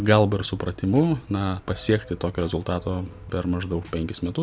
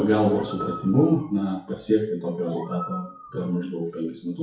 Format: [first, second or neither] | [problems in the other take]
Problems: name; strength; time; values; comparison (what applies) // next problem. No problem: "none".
first | noise reduction (classical method WPE with log-MMSE)